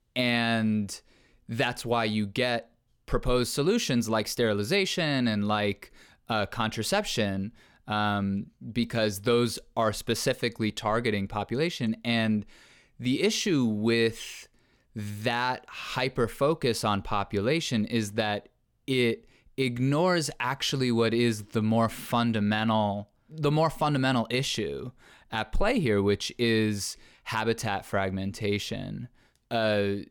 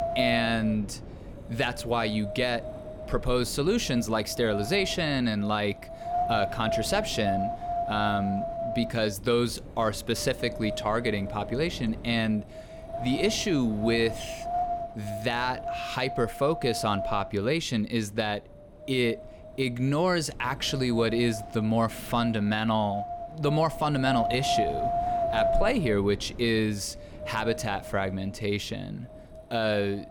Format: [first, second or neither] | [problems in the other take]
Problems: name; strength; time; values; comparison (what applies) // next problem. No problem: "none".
first | wind noise on the microphone; heavy; 4 dB below the speech